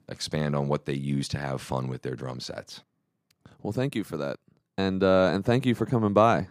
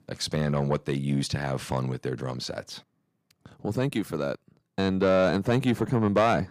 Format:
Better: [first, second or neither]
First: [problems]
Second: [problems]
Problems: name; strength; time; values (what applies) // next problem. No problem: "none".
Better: first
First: none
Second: distortion; slight; 10 dB below the speech